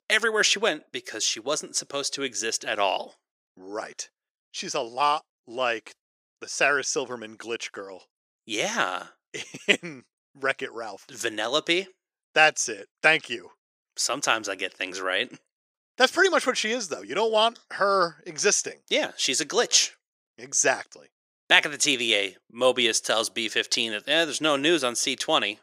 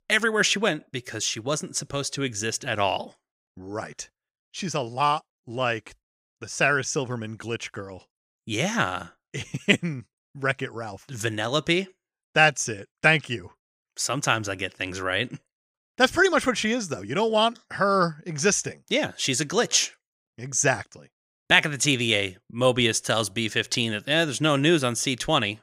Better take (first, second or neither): second